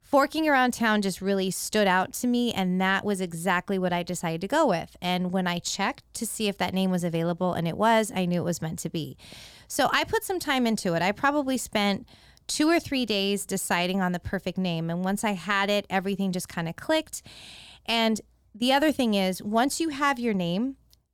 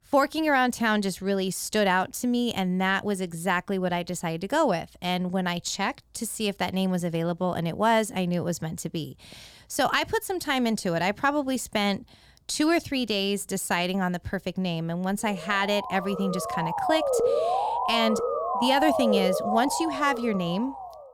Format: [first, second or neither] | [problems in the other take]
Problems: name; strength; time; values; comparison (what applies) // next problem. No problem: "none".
first | siren; loud; from 15 s on; peak 3 dB above the speech